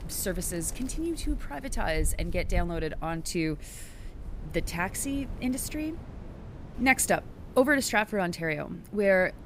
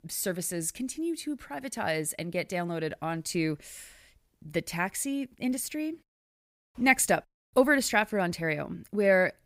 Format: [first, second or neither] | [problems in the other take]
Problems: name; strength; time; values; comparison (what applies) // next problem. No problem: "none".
second | wind in the background; noticeable; throughout; 15 dB below the speech